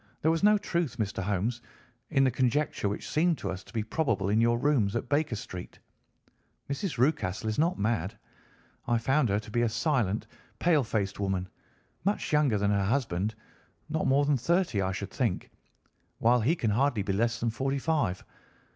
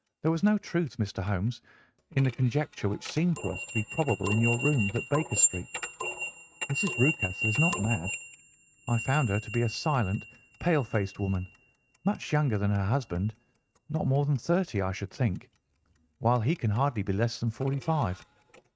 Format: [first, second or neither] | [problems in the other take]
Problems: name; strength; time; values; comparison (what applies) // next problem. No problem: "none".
first | noise reduction (neural mask model RNNoise)